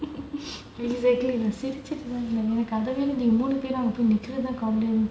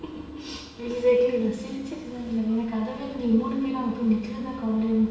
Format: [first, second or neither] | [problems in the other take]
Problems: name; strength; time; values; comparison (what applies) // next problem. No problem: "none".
first | room echo; dies away in 0.9 s